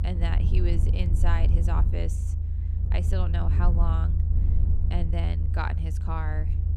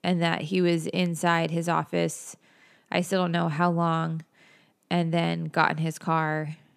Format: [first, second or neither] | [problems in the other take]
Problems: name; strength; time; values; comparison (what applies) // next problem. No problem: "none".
second | low rumble; loud; throughout; 6 dB below the speech